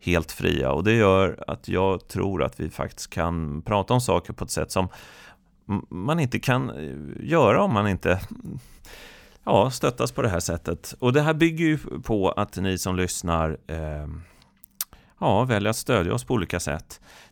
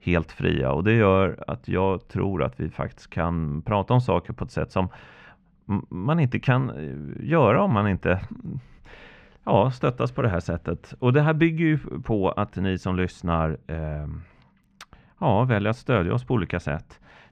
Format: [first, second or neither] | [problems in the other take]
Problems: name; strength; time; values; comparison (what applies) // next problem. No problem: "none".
first | muffled; very; fading above 2.5 kHz